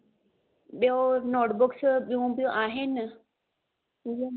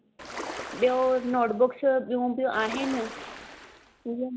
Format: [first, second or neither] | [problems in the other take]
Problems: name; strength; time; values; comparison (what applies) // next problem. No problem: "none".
first | background sound (Ocean); 12 dB below the speech